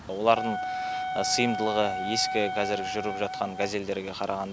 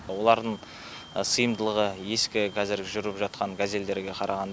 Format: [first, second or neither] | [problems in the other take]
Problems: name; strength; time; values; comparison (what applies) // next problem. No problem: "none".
second | background sound (Wind instrument, woodwind instrument); 4 dB below the speech